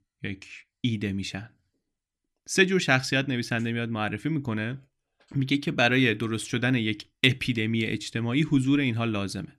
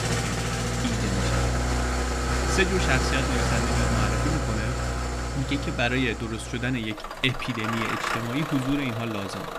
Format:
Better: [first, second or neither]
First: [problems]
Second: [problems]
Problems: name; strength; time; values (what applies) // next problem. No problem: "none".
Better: first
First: none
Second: traffic noise; very loud; throughout; 1 dB above the speech